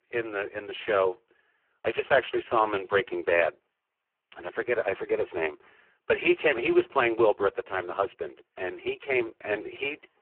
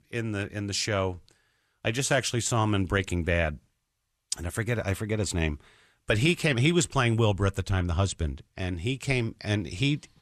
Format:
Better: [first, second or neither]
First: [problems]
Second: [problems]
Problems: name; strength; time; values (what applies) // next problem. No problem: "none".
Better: second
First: phone-call audio; poor line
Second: none